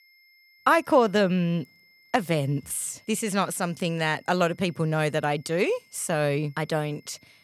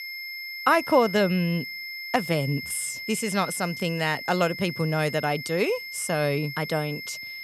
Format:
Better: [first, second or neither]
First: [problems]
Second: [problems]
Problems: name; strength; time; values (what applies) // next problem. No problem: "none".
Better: first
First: high-pitched whine; faint; throughout; 2 kHz, 30 dB below the speech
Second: high-pitched whine; loud; throughout; 2 kHz, 8 dB below the speech